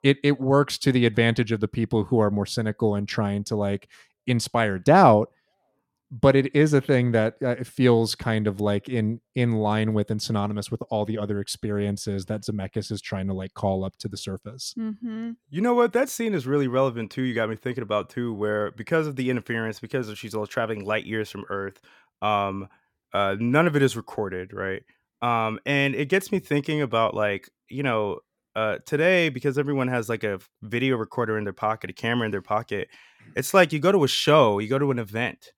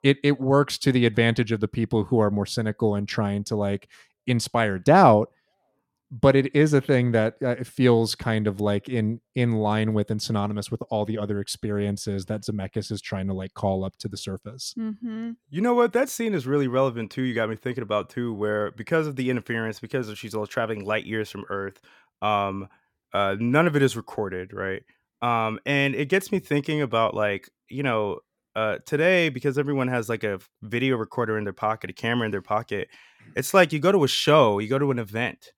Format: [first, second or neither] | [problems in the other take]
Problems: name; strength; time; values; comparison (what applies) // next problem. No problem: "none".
neither | none